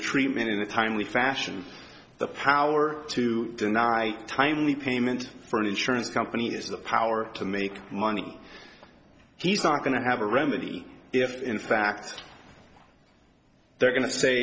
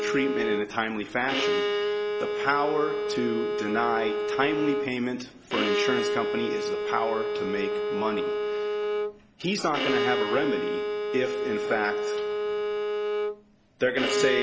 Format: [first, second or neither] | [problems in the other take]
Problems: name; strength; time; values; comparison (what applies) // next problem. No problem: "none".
first | background sound (Bowed string instrument); 1 dB above the speech